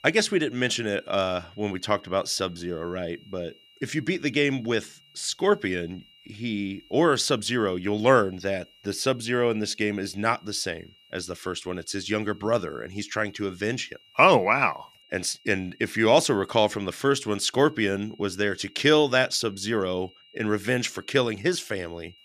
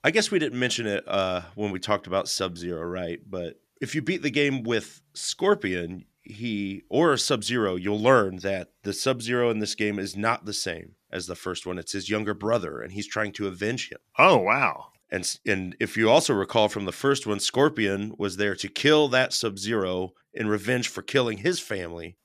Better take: second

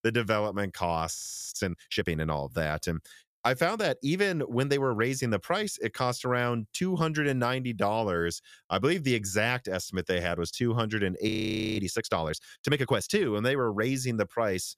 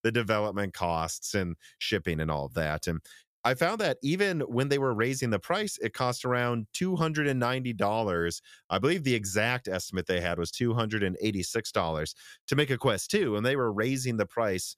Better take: second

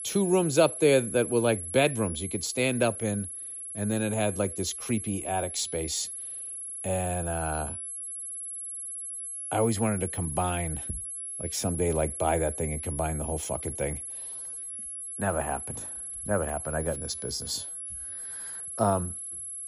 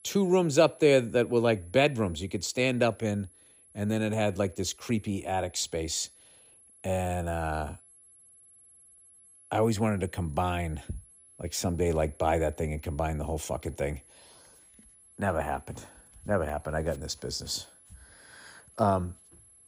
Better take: second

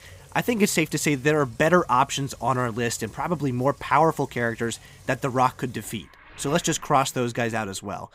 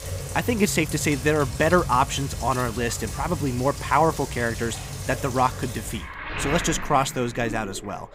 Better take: first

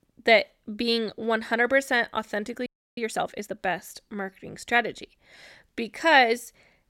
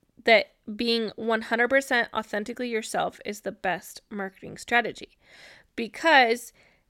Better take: second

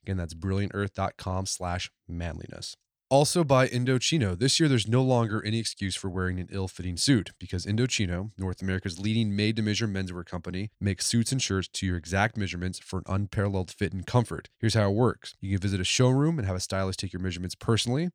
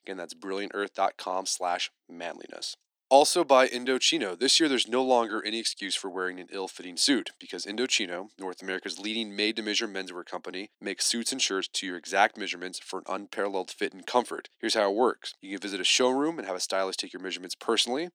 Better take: first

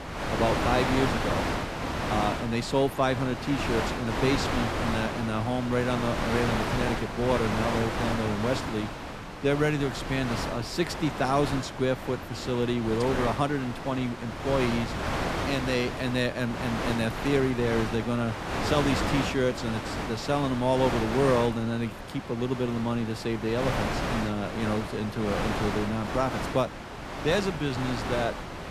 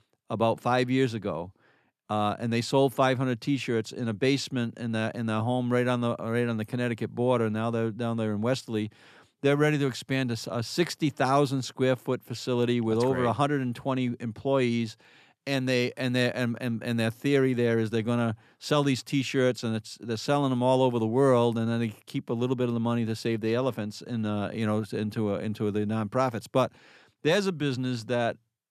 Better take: second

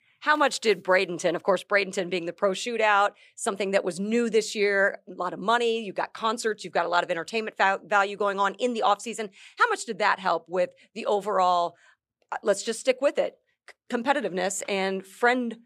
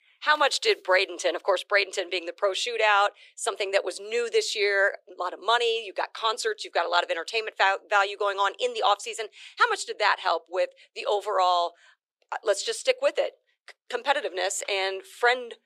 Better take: first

